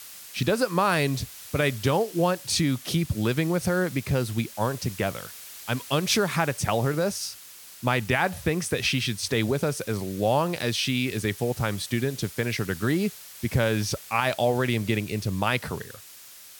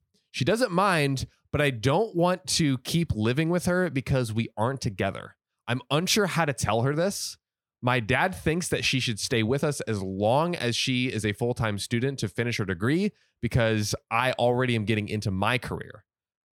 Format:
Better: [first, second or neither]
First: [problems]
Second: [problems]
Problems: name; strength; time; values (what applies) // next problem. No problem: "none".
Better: second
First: hiss; noticeable; throughout; 15 dB below the speech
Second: none